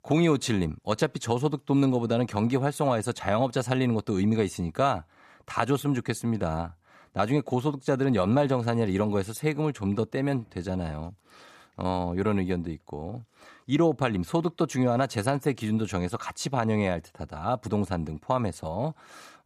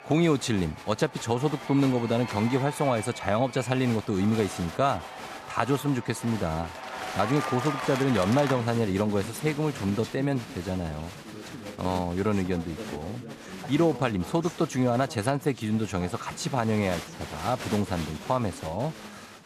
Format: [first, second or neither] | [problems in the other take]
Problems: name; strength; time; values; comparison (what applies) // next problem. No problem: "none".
first | crowd noise; noticeable; throughout; 10 dB below the speech